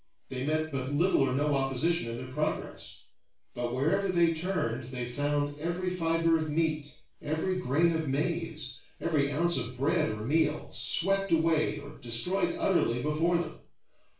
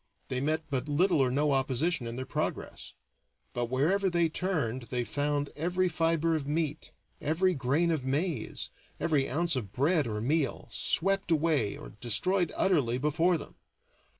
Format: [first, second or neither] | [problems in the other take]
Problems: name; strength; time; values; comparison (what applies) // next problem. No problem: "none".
second | room echo; dies away in 0.4 s